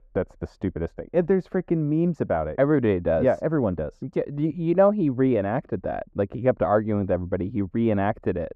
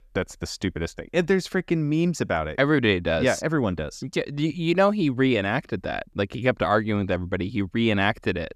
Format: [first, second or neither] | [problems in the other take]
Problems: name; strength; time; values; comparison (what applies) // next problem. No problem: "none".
second | muffled; very; fading above 2 kHz